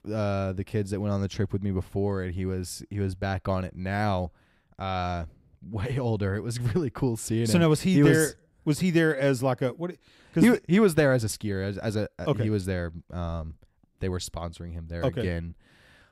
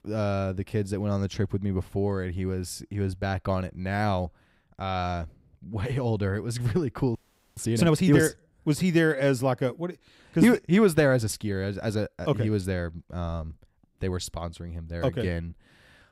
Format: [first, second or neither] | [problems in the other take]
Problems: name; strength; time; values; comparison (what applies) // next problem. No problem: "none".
first | audio freezing; at 7 s